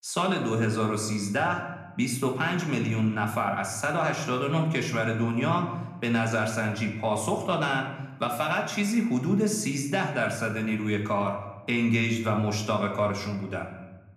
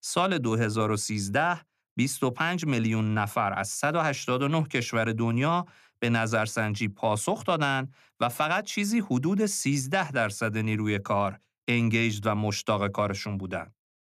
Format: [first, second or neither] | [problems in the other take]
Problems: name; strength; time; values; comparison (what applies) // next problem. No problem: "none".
second | room echo; slight; dies away in 0.8 s // off-mic speech; somewhat distant